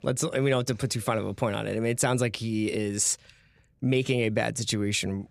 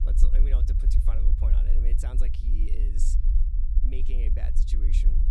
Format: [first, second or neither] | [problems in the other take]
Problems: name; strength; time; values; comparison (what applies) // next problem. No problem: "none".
first | low rumble; loud; throughout; 2 dB below the speech